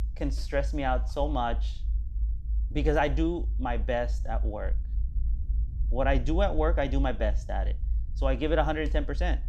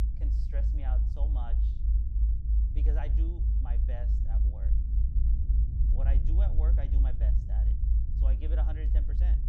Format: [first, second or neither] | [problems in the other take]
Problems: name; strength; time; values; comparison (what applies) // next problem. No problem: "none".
first | low rumble; loud; throughout; 1 dB below the speech; faint in the first